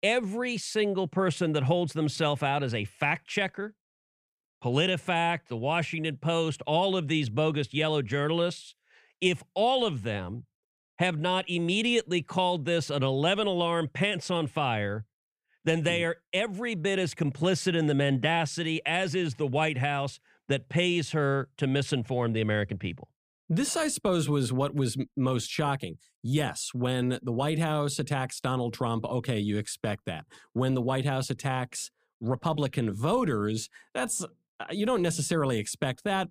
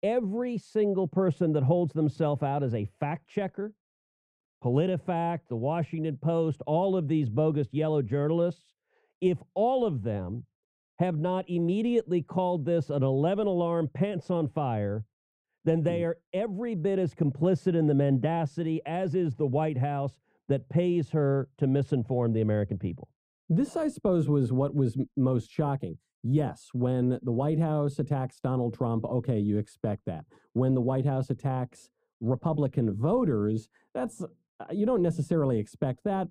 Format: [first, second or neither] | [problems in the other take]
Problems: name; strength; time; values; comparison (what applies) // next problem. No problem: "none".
first | muffled; very; fading above 1 kHz